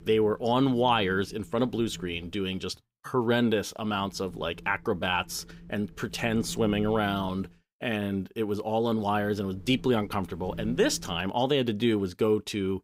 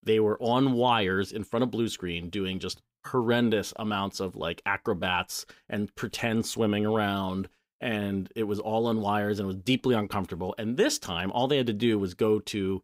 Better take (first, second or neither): second